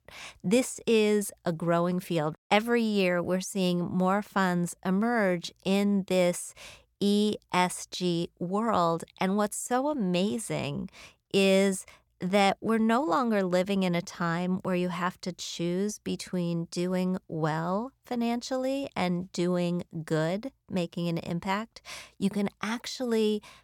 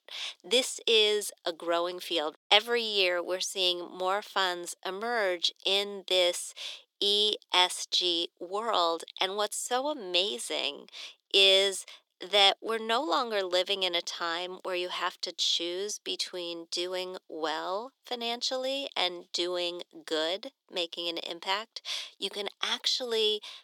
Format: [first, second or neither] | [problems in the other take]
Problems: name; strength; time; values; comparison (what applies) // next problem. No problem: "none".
first | thin; very; fading below 300 Hz